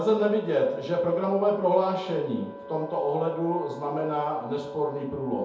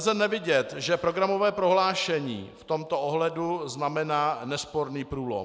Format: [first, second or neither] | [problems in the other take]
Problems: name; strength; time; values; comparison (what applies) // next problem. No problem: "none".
second | background sound (Wind instrument, woodwind instrument); 16 dB below the speech // room echo; dies away in 0.8 s